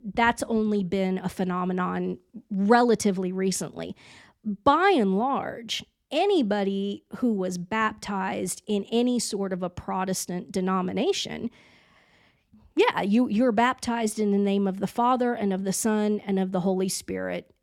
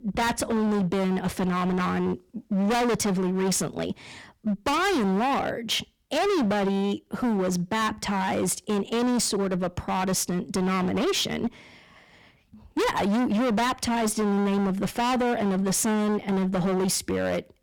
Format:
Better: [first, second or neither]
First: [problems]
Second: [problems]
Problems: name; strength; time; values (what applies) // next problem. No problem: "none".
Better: first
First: none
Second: distortion; heavy; 30% of the sound clipped